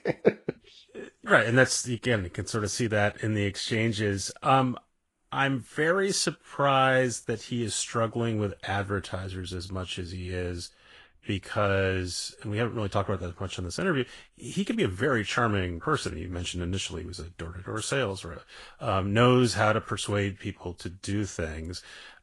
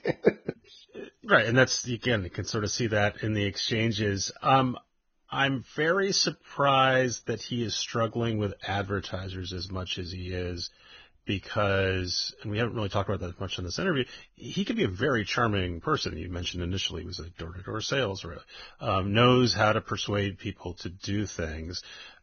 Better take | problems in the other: first | garbled, watery; badly; nothing above 6.5 kHz; slightly in the first

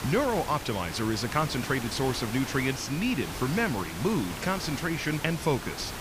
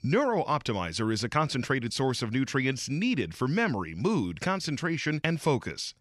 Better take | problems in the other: second | hiss; loud; throughout; 8 dB below the speech

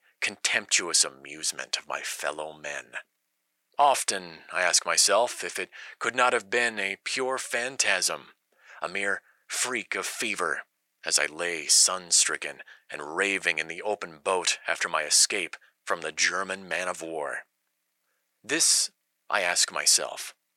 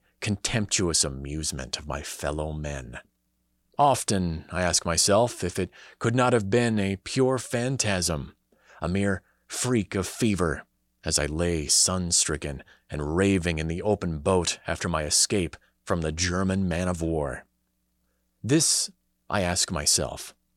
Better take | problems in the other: second | thin; very; fading below 600 Hz

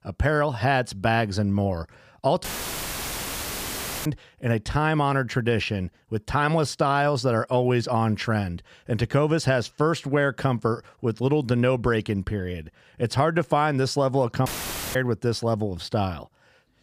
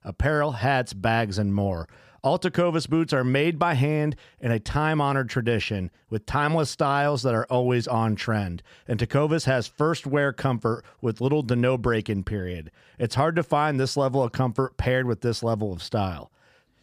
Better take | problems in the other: second | audio cutting out; filled with static; at 2.5 s for 1.5 s and at 14 s

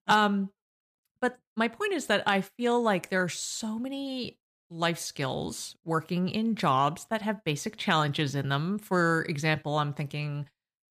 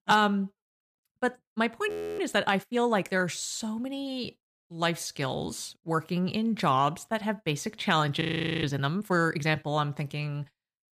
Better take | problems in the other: first | audio freezing; at 2 s and at 8 s

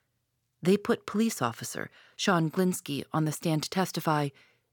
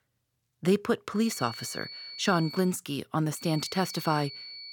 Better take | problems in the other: first | high-pitched whine; noticeable; from 1 to 2.5 s and from 3.5 s on; 4.5 kHz, 10 dB below the speech

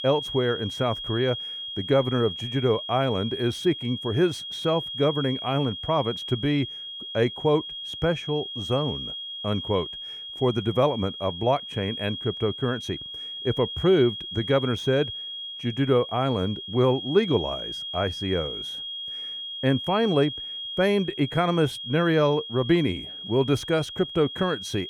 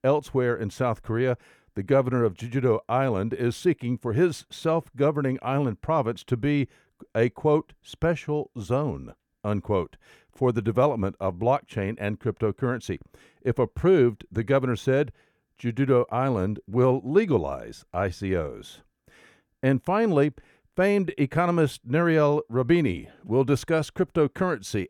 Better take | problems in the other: second | high-pitched whine; loud; throughout; 3.5 kHz, 7 dB below the speech

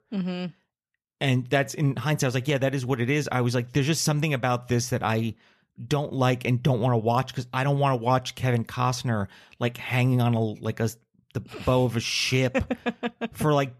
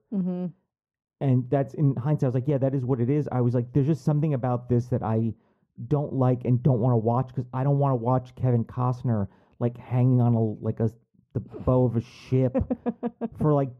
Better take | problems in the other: first | muffled; very; fading above 1 kHz

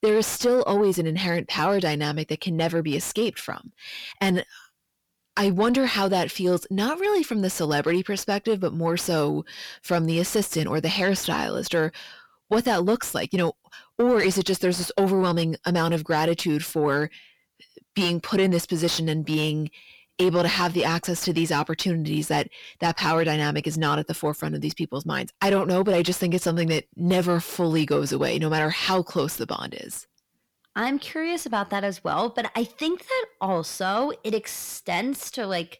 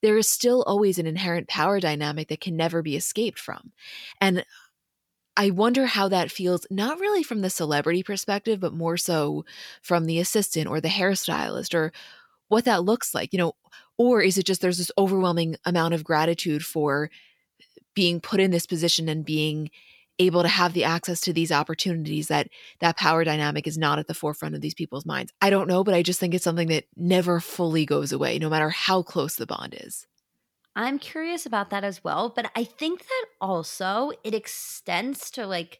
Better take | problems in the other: second | distortion; slight; 10 dB below the speech

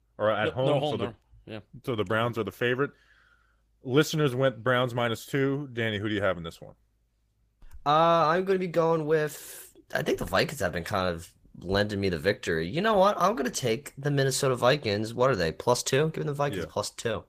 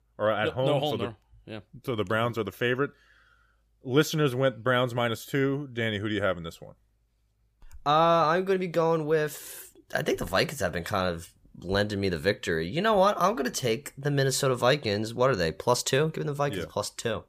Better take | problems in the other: second | garbled, watery; slightly; nothing above 15 kHz

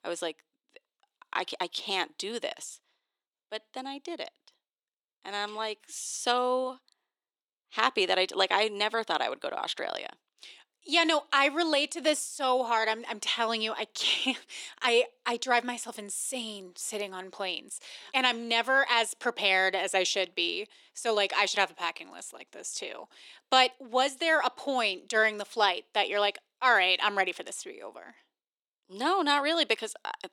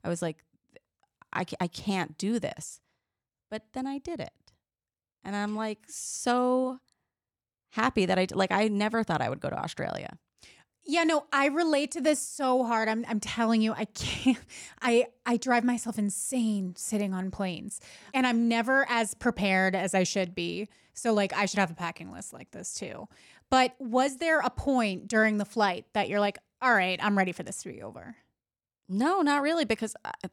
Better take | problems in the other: second | thin; somewhat; fading below 350 Hz

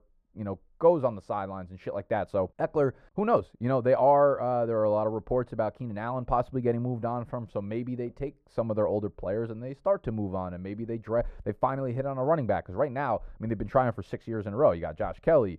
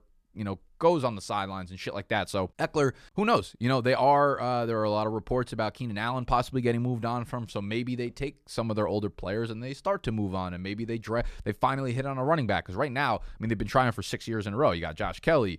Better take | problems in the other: second | muffled; very; fading above 2 kHz

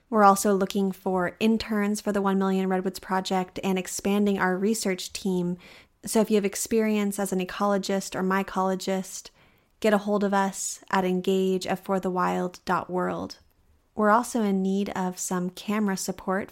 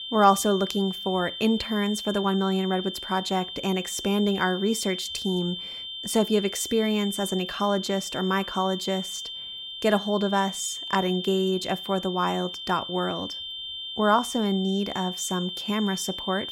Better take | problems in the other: first | high-pitched whine; loud; throughout; 3 kHz, 7 dB below the speech

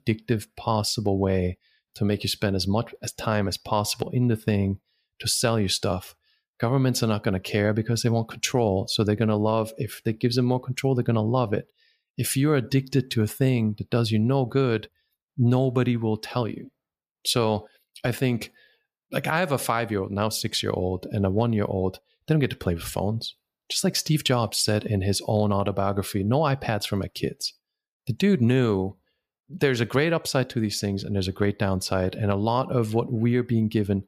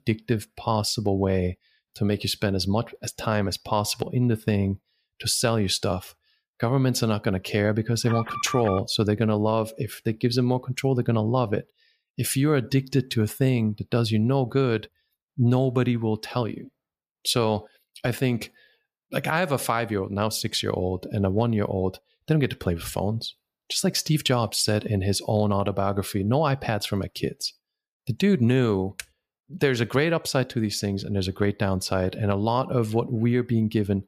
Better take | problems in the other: first | alarm; noticeable; at 8 s; peak 7 dB below the speech // keyboard typing; very faint; at 29 s; peak 15 dB below the speech

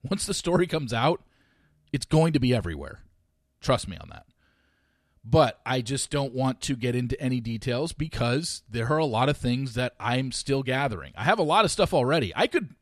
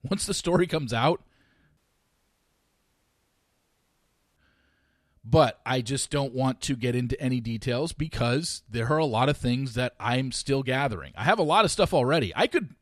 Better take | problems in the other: first | audio cutting out; at 2 s for 2.5 s

